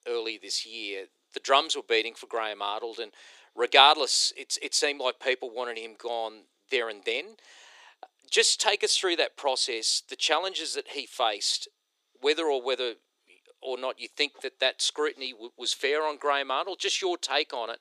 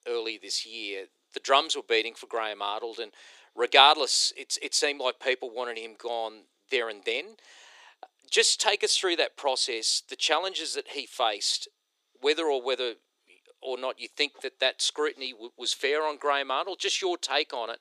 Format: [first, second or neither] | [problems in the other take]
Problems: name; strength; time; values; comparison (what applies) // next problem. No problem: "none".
neither | thin; very; fading below 400 Hz; the same in both